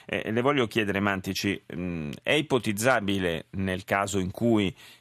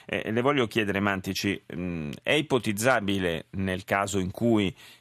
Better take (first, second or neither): neither